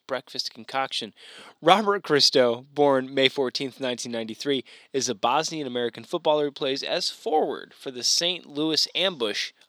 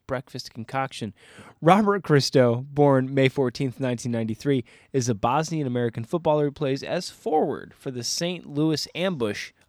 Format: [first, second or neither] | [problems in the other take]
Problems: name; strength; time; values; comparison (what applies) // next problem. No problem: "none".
second | thin; very slightly; fading below 300 Hz